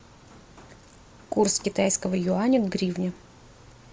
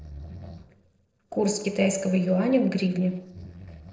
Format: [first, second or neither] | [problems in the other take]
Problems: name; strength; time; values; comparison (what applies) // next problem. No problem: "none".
first | noise reduction (neural separator model SepFormer DNS4)